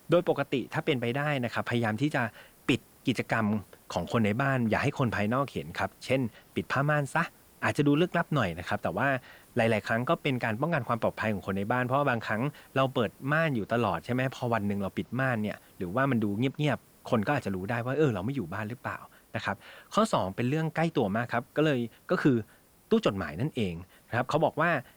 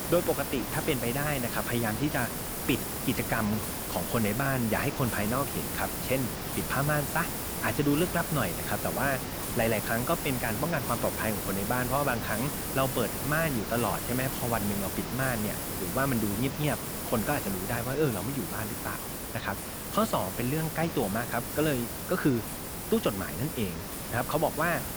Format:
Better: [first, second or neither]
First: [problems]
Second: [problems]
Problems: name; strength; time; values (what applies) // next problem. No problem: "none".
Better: first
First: hiss; faint; throughout; 30 dB below the speech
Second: hiss; loud; throughout; 2 dB below the speech